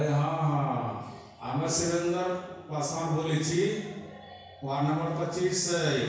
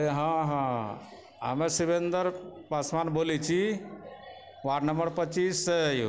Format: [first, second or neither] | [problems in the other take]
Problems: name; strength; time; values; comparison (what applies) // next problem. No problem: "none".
second | room echo; dies away in 1.1 s